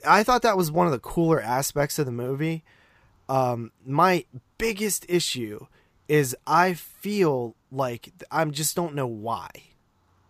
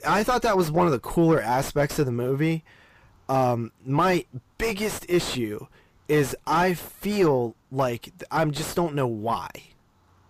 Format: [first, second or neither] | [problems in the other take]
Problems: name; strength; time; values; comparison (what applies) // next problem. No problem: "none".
first | distortion; heavy; 5 dB below the speech